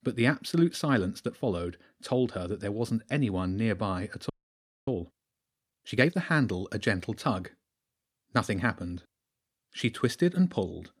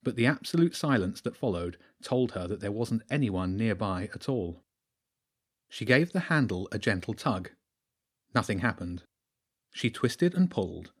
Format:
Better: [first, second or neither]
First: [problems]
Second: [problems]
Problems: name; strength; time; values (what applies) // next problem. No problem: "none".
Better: second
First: audio freezing; at 4.5 s for 0.5 s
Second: none